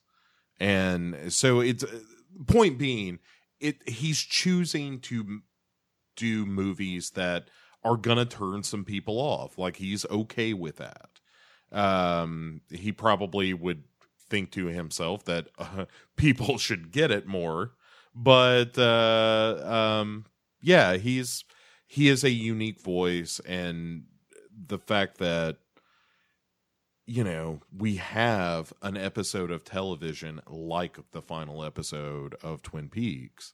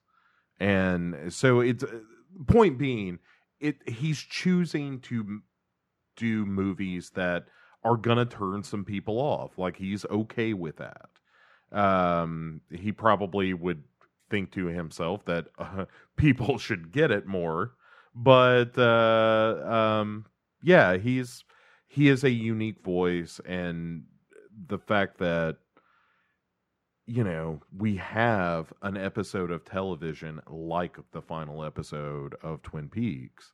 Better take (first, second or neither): first